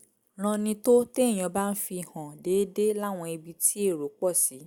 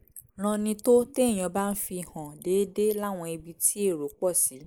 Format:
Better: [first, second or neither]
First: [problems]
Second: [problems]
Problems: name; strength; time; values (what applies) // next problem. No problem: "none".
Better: first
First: none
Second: noise reduction (neural mask model Resemble Enhance denoiser)